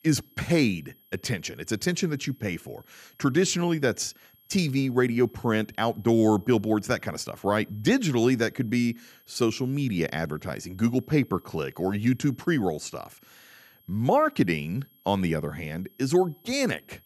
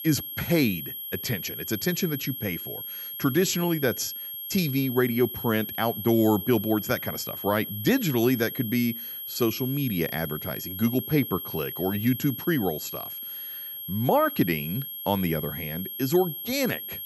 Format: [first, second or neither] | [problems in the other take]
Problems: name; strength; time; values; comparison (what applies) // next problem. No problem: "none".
first | high-pitched whine; loud; throughout; 11.5 kHz, 7 dB below the speech; faint in the first